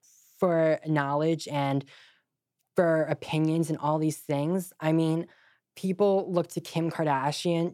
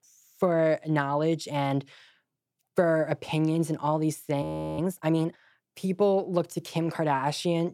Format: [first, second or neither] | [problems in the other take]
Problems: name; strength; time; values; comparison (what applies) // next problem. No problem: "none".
first | audio freezing; at 4.5 s